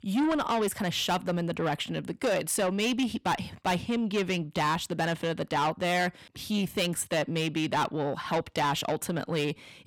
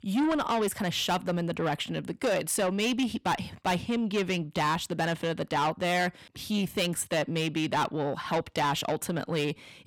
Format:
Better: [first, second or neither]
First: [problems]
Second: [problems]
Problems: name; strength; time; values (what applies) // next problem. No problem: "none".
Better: neither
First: distortion; heavy; 7 dB below the speech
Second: distortion; heavy; 7 dB below the speech